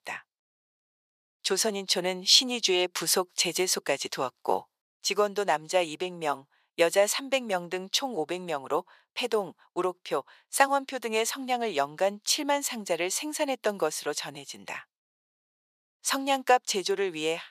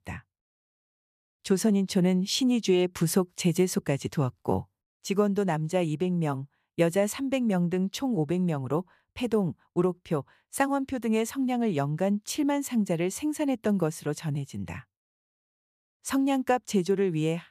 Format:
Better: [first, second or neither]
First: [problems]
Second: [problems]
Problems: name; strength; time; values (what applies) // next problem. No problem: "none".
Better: second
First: thin; very; fading below 650 Hz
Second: none